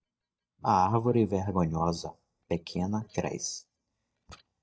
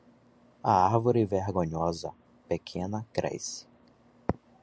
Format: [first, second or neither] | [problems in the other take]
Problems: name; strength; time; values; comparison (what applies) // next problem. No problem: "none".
second | noise reduction (neural mask model DeepFilterNet 3)